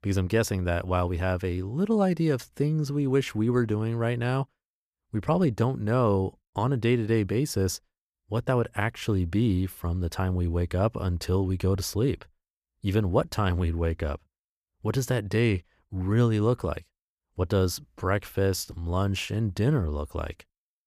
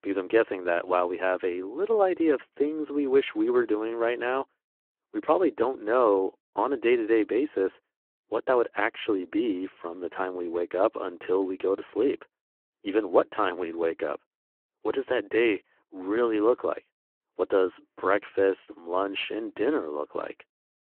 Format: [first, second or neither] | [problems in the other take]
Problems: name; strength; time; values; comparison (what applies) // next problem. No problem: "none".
first | phone-call audio